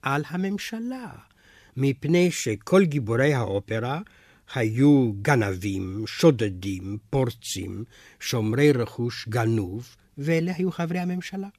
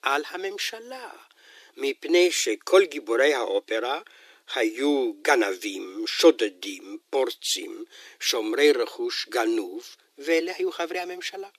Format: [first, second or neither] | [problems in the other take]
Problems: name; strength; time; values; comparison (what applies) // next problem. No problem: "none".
first | thin; very; fading below 350 Hz